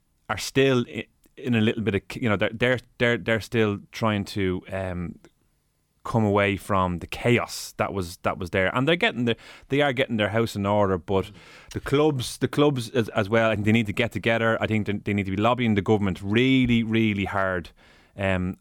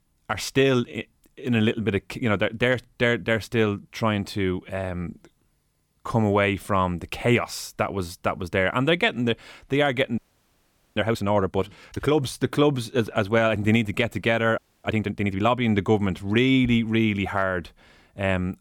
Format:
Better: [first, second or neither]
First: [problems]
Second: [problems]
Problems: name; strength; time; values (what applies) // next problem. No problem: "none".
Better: first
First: none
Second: audio freezing; at 10 s for 1 s and at 15 s